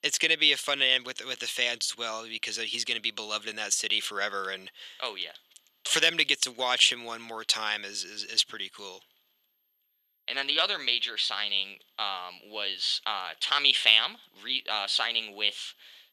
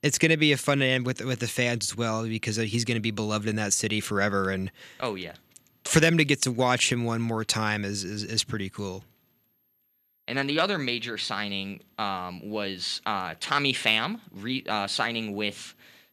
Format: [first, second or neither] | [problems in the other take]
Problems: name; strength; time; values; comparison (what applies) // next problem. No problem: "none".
second | thin; very; fading below 550 Hz